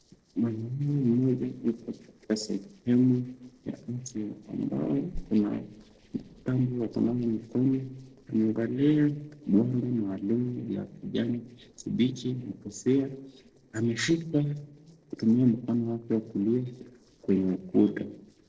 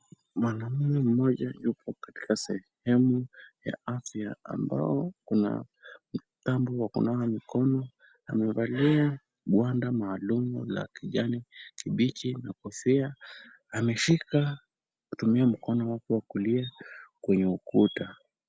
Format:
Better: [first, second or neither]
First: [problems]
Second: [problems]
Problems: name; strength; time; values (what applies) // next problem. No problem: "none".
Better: second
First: noise reduction (neural separator model SepFormer DNS4)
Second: none